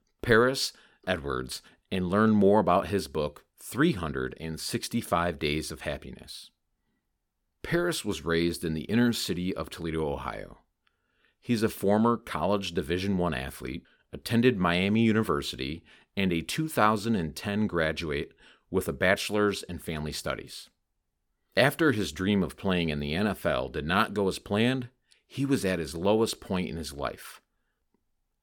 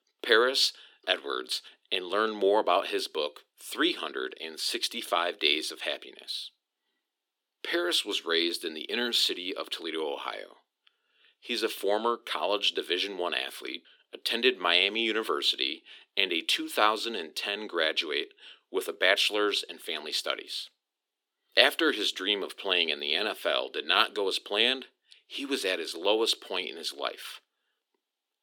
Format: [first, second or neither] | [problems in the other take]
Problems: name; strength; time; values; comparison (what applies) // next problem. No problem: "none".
first | thin; somewhat; fading below 300 Hz